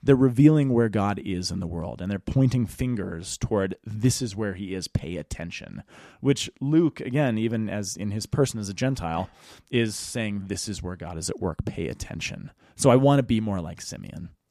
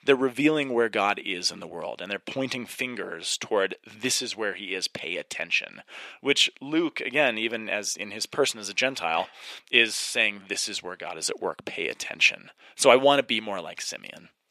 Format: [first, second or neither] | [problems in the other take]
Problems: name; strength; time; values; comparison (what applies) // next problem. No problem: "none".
first | thin; somewhat; fading below 500 Hz